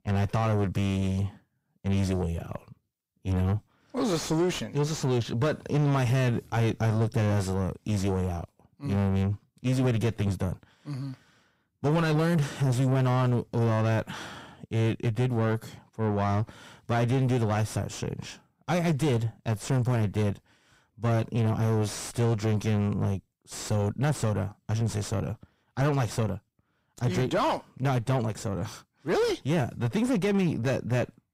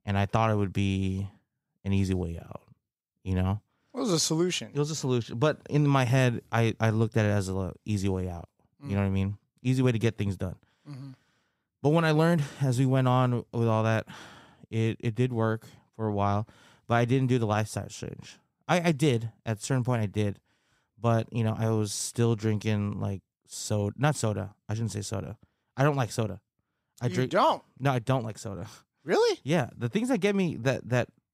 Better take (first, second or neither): second